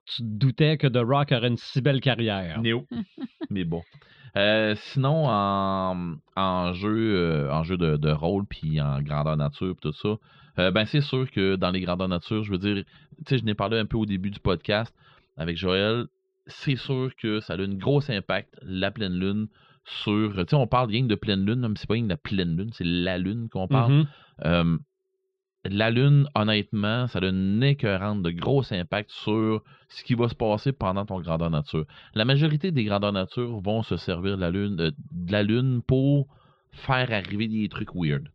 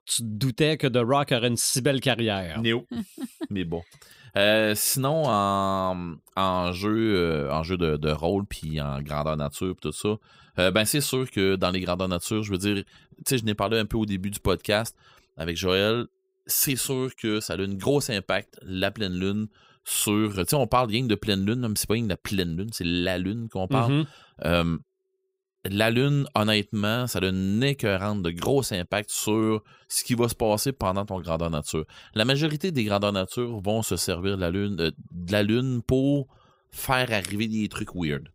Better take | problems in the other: second | muffled; slightly; fading above 4 kHz

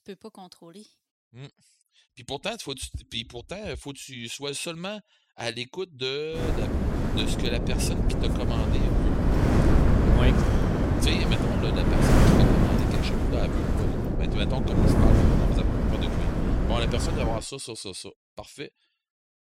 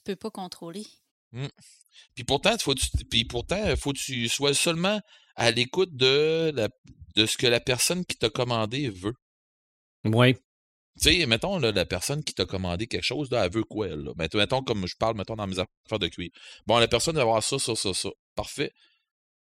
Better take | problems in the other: second | wind noise on the microphone; heavy; from 6.5 to 17 s; 4 dB above the speech

